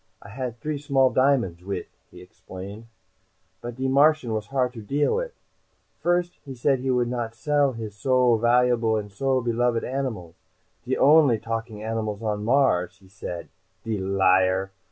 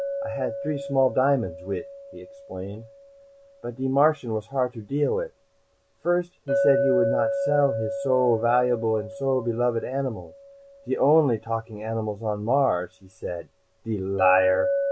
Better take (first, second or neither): first